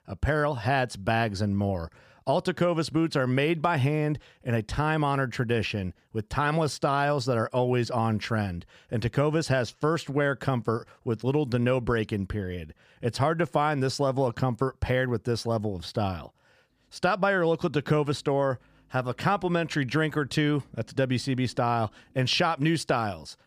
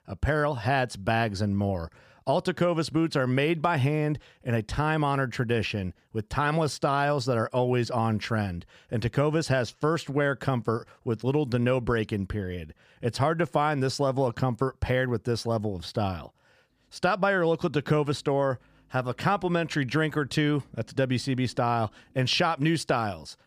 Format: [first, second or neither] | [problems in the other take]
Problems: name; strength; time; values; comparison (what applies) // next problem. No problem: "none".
neither | none